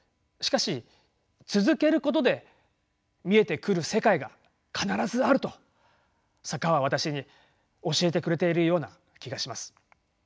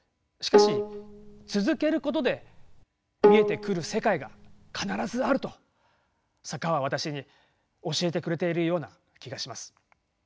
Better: first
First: none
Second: background sound (Bowed string instrument); 3 dB above the speech

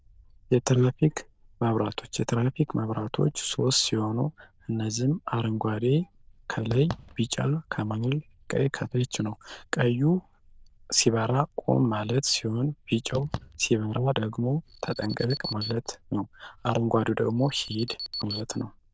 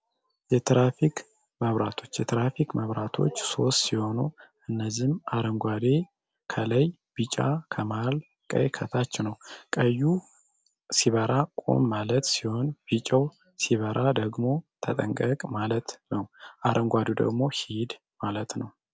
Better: second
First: noise reduction (neural diffusion model UNIVERSE++)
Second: none

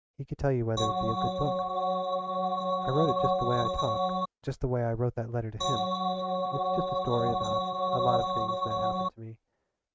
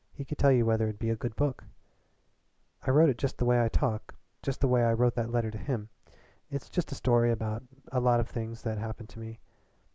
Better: second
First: noise reduction (neural mask model RNNoise)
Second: none

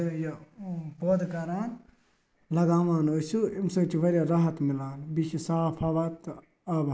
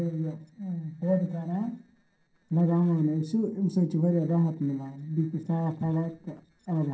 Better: first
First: none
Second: noise reduction (neural separator model SepFormer DNS4)

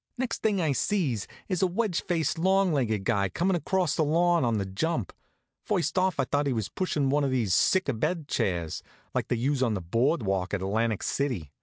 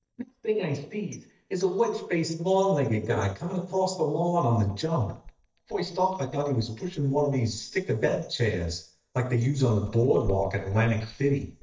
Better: first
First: none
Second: noise reduction (neural mask model DeepFilterNet 3)

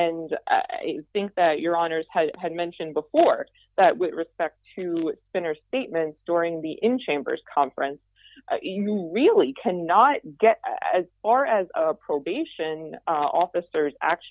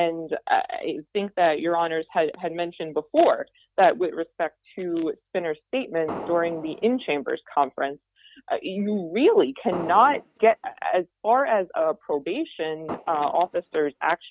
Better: first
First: none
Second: noise reduction (neural mask model RNNoise)

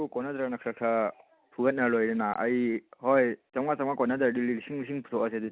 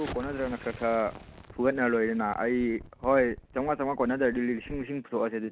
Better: first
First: none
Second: background sound (Explosion); 17 dB below the speech

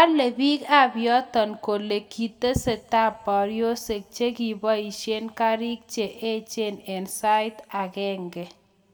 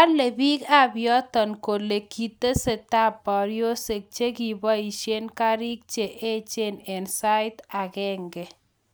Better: second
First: room echo; dies away in 1.4 s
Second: none

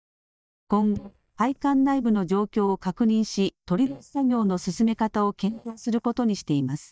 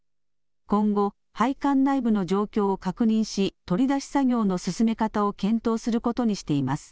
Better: second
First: noise reduction (neural mask model DeepFilterNet 3)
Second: none

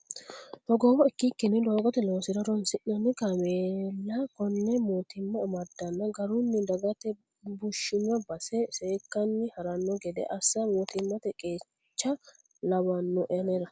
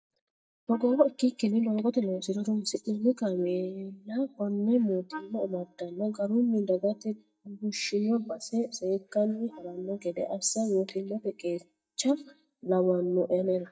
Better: first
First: none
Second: noise reduction (neural mask model DeepFilterNet 3)

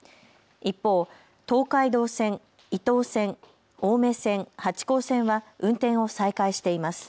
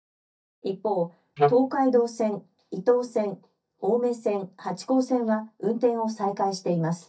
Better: first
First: none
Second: noise reduction (neural mask model DeepFilterNet 3)

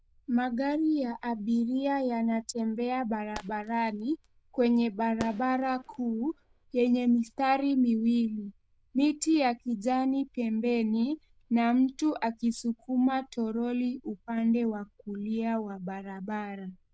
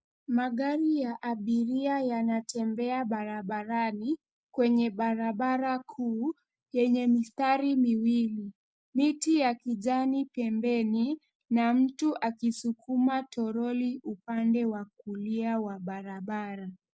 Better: second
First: noise reduction (neural diffusion model UNIVERSE++)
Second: none

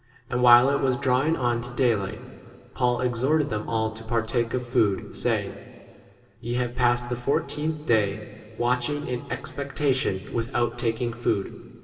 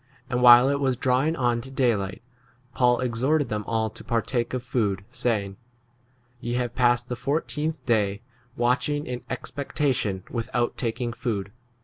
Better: second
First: room echo; dies away in 2.2 s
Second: none

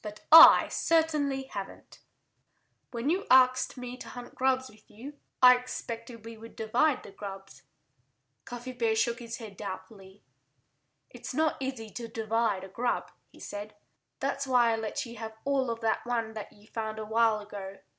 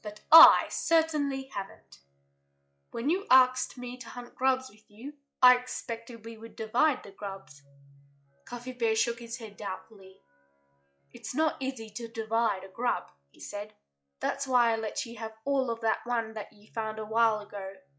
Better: first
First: none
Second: noise reduction (classical method log-MMSE)

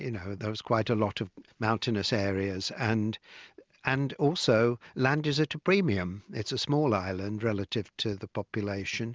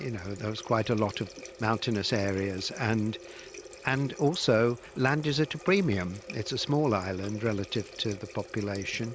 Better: first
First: none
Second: background sound (Water tap, faucet); 17 dB below the speech

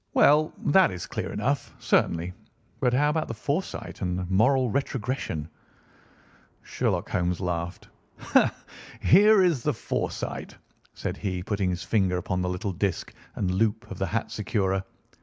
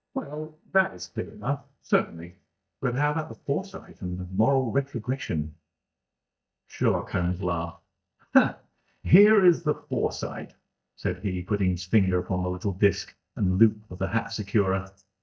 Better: first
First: none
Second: noise reduction (neural mask model DeepFilterNet 3)

